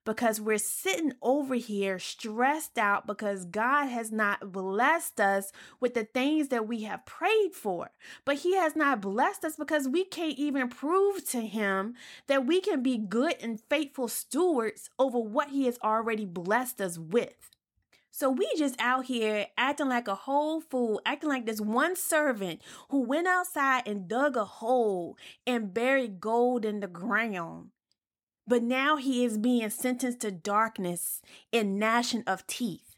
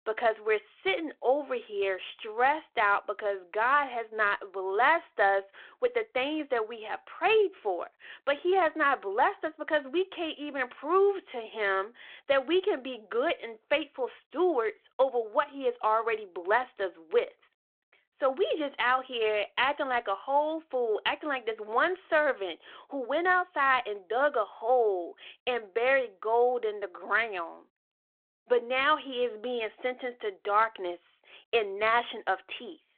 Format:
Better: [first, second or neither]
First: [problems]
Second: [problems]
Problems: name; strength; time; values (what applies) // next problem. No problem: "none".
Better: first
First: none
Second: phone-call audio